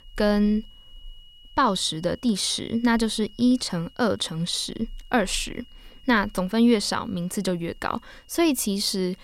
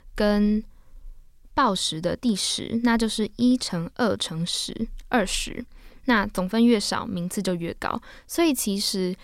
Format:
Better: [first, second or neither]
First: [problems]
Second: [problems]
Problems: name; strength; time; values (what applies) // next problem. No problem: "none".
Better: second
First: high-pitched whine; faint; throughout; 3 kHz, 30 dB below the speech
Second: none